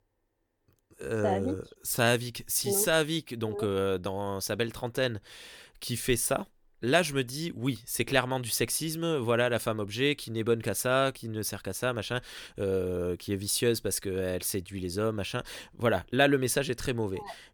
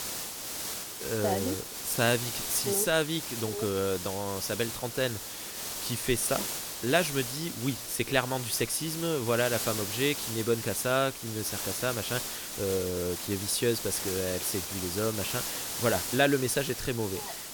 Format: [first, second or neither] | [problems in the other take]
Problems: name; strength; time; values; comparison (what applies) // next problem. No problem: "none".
first | hiss; loud; throughout; 4 dB below the speech